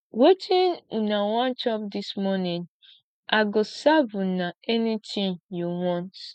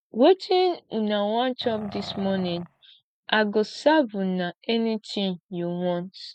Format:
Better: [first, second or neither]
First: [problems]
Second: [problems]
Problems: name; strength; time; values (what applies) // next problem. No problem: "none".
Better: first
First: none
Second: background sound (Growling); 15 dB below the speech